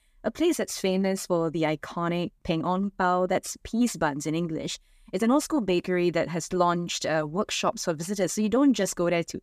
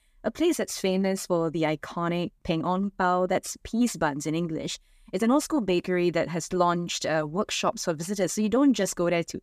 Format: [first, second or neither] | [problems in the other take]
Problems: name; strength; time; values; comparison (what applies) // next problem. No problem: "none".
neither | none